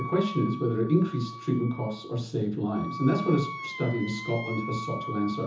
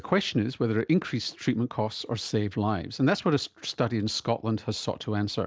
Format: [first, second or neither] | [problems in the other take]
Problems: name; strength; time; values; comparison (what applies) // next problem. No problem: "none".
second | background sound (Wind instrument, woodwind instrument); 11 dB below the speech // room echo; dies away in 0.6 s